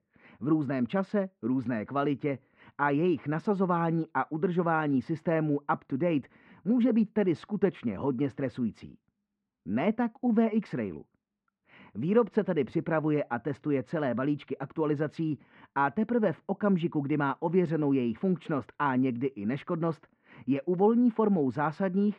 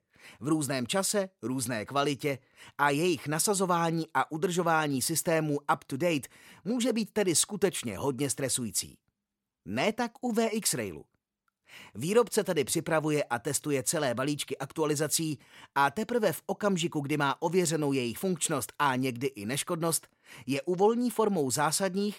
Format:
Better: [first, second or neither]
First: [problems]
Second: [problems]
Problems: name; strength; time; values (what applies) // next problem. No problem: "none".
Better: second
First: muffled; very; fading above 2 kHz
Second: none